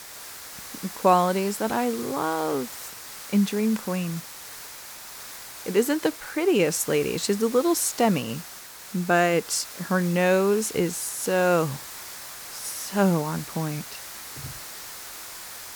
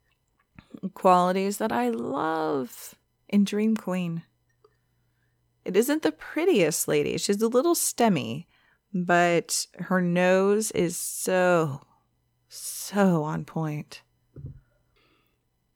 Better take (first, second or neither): second